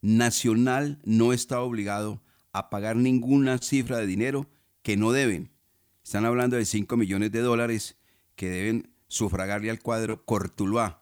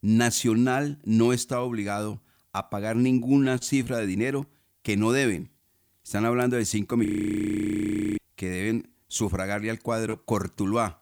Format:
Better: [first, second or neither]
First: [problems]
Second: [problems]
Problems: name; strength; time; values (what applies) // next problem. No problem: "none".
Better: first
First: none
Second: audio freezing; at 7 s for 1 s